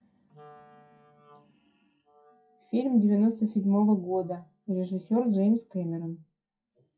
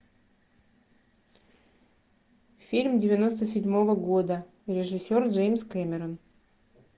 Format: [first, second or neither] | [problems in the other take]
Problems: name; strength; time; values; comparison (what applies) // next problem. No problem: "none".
second | noise reduction (classical method WPE with log-MMSE)